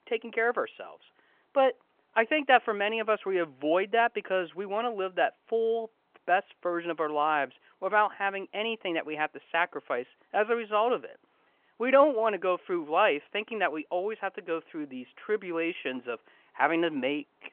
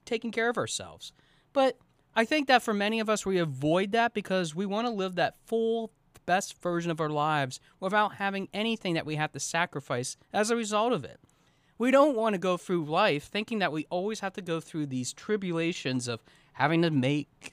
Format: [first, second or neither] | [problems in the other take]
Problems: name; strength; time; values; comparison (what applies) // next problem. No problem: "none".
second | phone-call audio